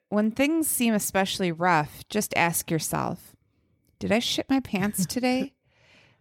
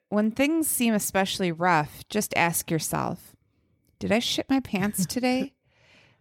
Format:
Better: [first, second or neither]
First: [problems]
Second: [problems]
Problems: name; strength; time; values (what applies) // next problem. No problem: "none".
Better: neither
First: none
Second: none